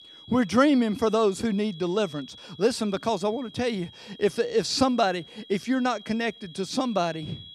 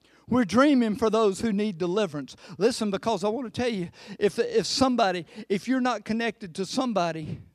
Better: second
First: high-pitched whine; faint; throughout; 3.5 kHz, 20 dB below the speech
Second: none

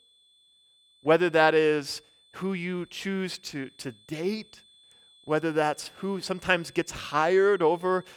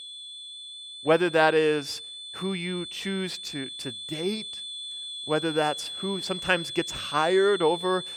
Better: first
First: high-pitched whine; faint; throughout; 3.5 kHz, 30 dB below the speech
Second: high-pitched whine; loud; throughout; 3.5 kHz, 8 dB below the speech

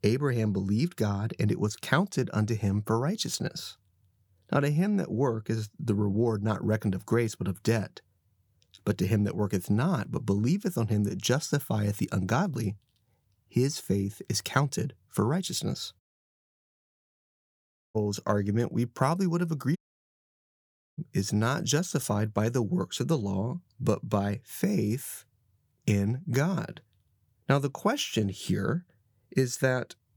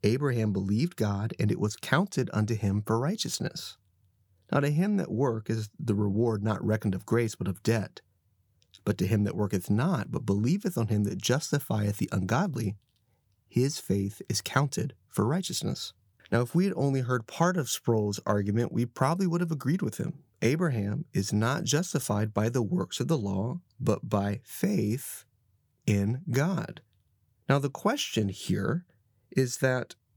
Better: second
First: audio cutting out; at 16 s for 2 s and at 20 s for 1 s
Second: none

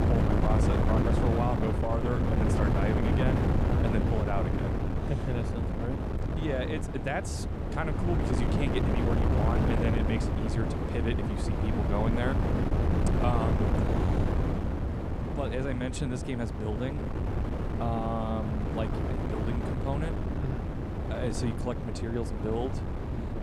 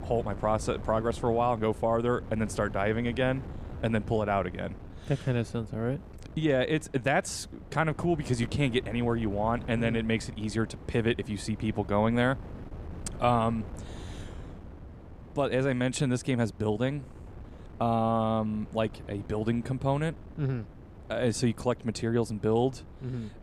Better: second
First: wind noise on the microphone; heavy; as loud as the speech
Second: wind noise on the microphone; occasional gusts; 20 dB below the speech

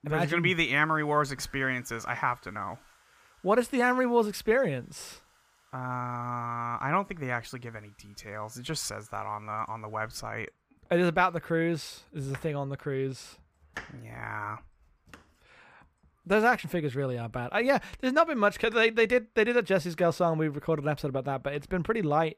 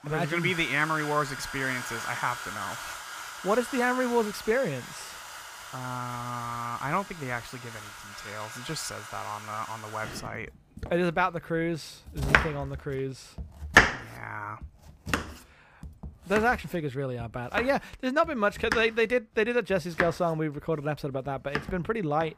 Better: first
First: household noises; faint; throughout; 25 dB below the speech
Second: household noises; loud; throughout; 3 dB below the speech

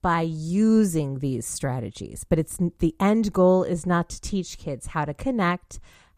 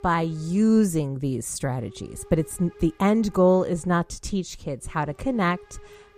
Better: first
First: none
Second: hiss; faint; throughout; 25 dB below the speech

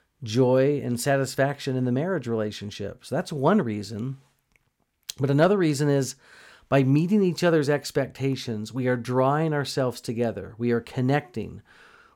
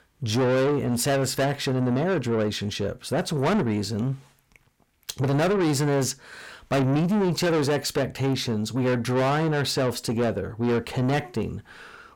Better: first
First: none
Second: distortion; heavy; 7 dB below the speech

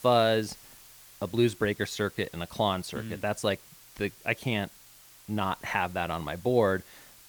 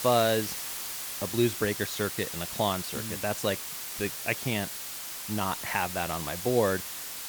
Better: first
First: hiss; faint; throughout; 20 dB below the speech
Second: hiss; loud; throughout; 4 dB below the speech

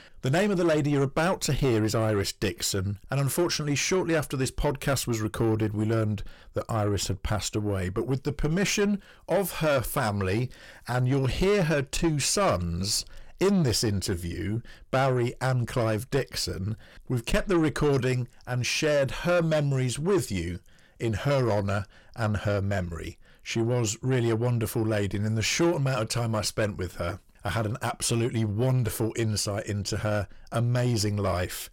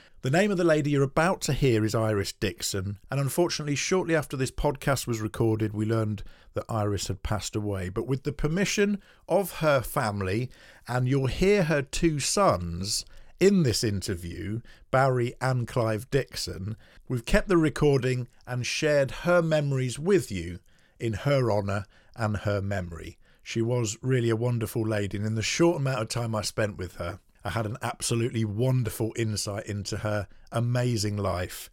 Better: second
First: distortion; slight; 10 dB below the speech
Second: none

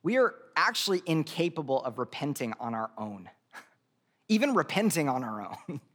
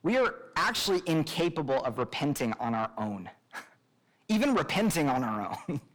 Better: first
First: none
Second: distortion; heavy; 6 dB below the speech

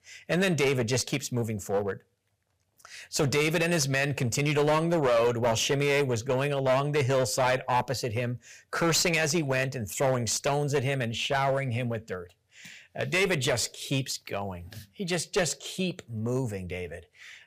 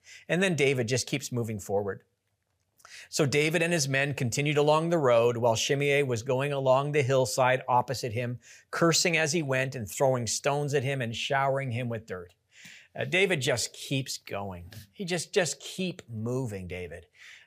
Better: second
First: distortion; slight; 8% of the sound clipped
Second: none

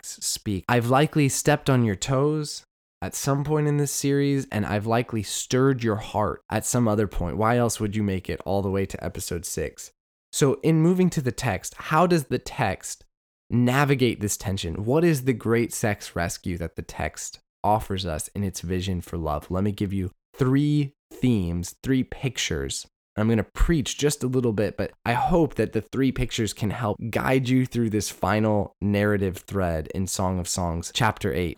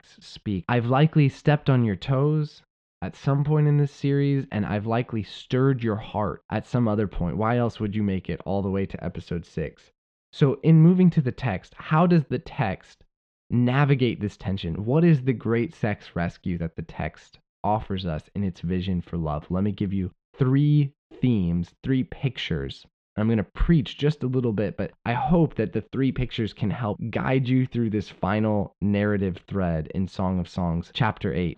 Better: first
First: none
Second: muffled; very; fading above 3.5 kHz

